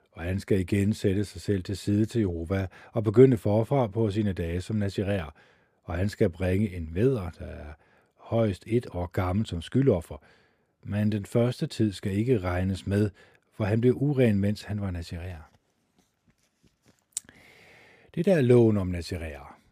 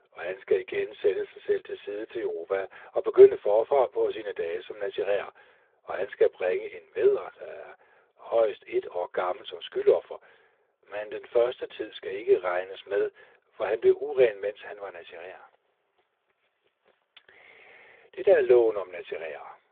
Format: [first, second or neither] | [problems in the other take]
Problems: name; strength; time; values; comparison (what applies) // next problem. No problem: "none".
first | phone-call audio; nothing above 8.5 kHz